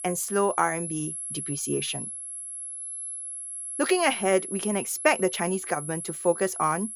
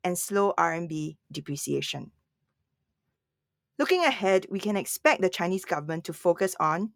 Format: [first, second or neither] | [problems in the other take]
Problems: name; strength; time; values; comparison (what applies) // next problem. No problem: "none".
second | high-pitched whine; loud; throughout; 11 kHz, 6 dB below the speech